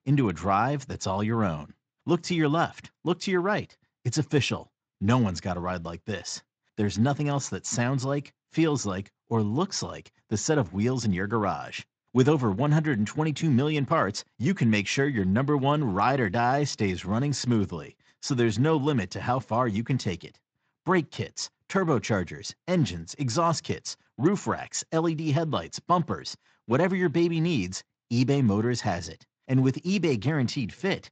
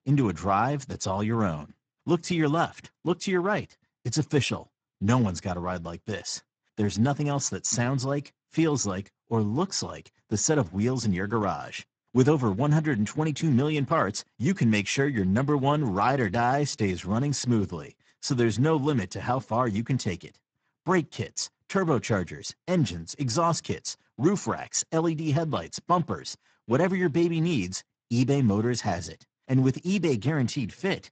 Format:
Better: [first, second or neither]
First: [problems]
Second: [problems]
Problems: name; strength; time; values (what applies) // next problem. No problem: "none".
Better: first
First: garbled, watery; slightly; nothing above 7.5 kHz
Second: garbled, watery; badly; nothing above 7.5 kHz